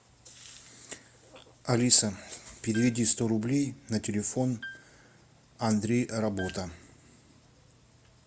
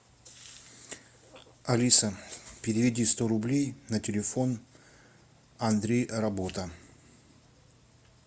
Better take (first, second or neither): second